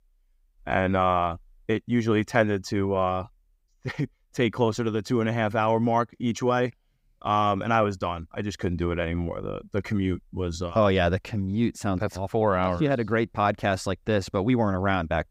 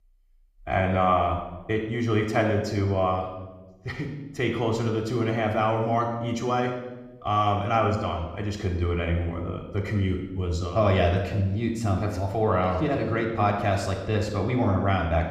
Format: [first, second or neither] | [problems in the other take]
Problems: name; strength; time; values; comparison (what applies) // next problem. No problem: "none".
first | room echo; noticeable; dies away in 0.9 s // off-mic speech; far